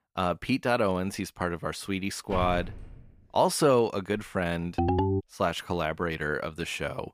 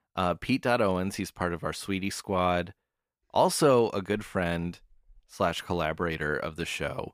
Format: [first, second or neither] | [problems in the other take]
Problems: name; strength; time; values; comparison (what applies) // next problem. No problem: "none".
second | door banging; noticeable; at 2.5 s; peak 9 dB below the speech // phone ringing; loud; at 5 s; peak 2 dB above the speech